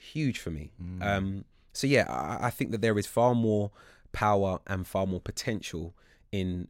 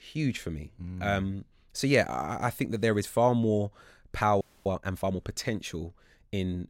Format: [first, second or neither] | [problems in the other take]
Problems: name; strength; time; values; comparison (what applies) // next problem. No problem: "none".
first | audio freezing; at 4.5 s